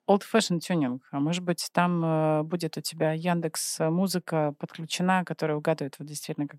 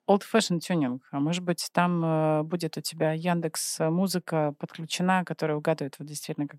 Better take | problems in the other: neither | none

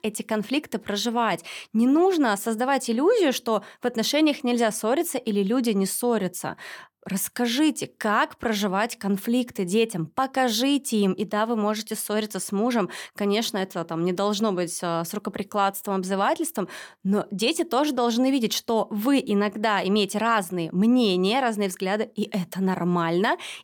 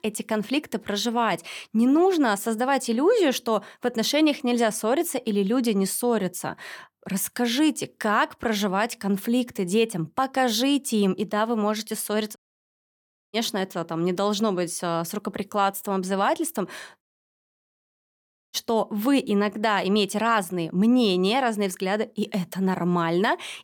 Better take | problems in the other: first | audio cutting out; at 12 s for 1 s and at 17 s for 1.5 s

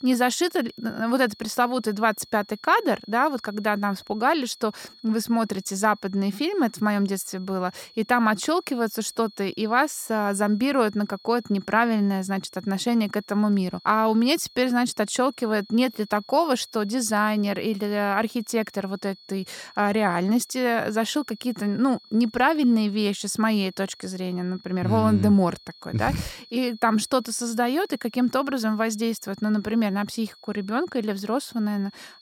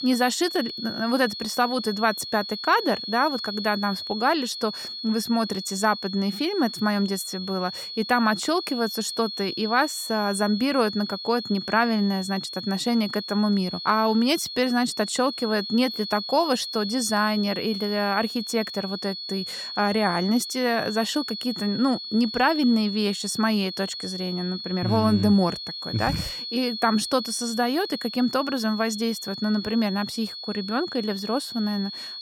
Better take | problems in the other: first | high-pitched whine; loud; throughout; 4.5 kHz, 7 dB below the speech; faint in the first

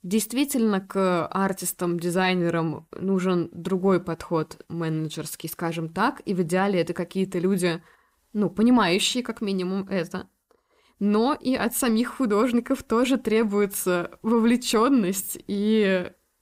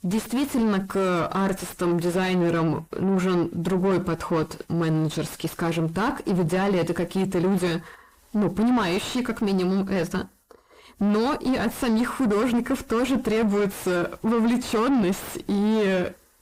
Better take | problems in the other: first | distortion; heavy; 6 dB below the speech

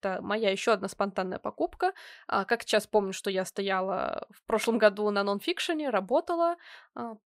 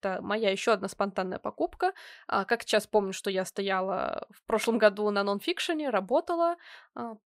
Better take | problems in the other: neither | none

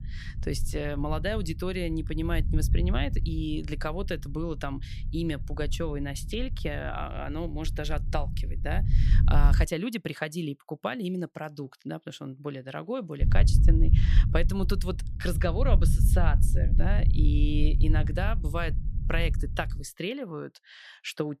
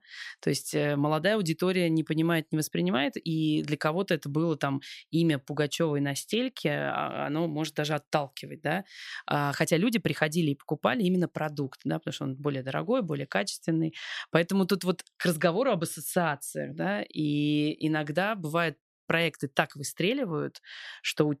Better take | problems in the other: second | low rumble; noticeable; until 9.5 s and from 13 to 20 s; 10 dB below the speech

